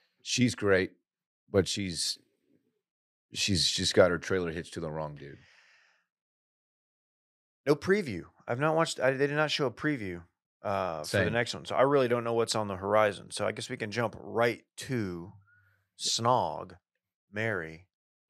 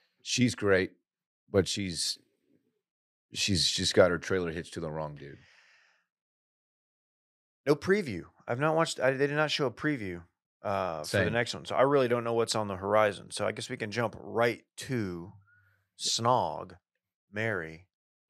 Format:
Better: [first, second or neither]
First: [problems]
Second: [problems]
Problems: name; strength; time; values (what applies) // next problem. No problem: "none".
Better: neither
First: none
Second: none